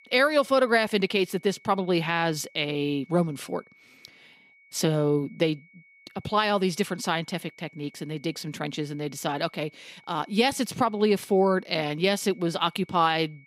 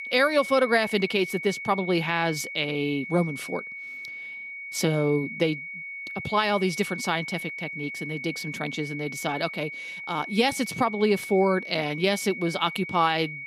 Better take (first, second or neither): first